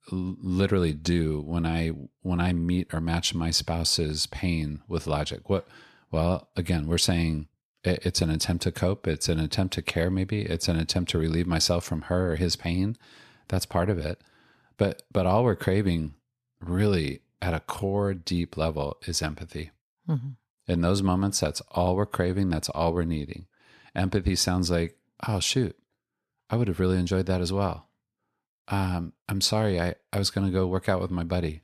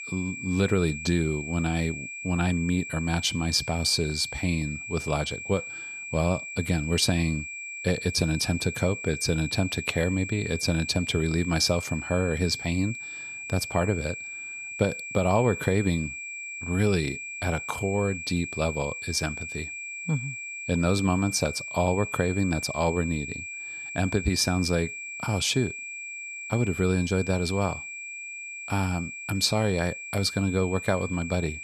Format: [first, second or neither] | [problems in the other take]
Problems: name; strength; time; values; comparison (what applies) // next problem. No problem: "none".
first | high-pitched whine; loud; throughout; 2.5 kHz, 8 dB below the speech